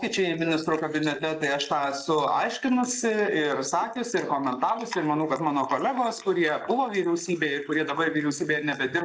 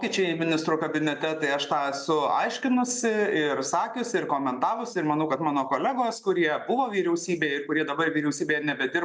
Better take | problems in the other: second | noise reduction (neural mask model Resemble Enhance denoiser)

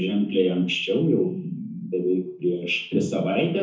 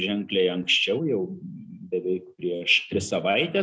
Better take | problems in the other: second | room echo; dies away in 0.7 s

